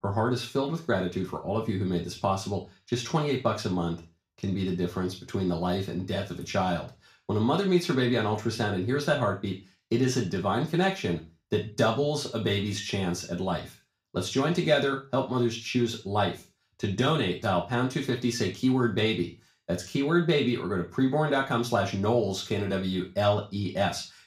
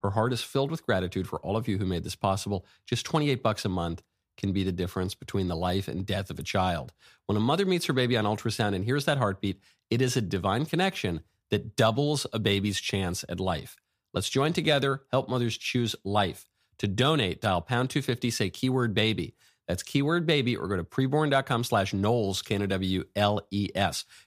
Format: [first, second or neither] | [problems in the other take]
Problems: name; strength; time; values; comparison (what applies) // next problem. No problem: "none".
second | room echo; slight; dies away in 0.3 s // off-mic speech; somewhat distant